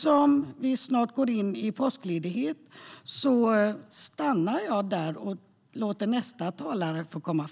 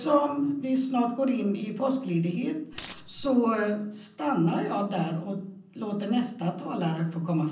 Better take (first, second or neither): first